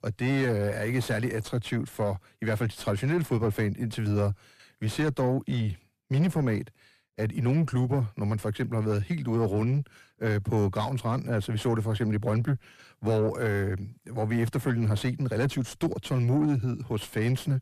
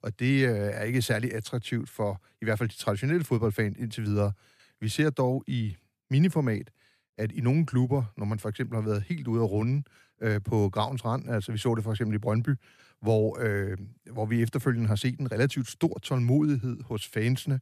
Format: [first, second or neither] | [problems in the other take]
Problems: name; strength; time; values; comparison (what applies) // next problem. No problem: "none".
second | distortion; slight; 10 dB below the speech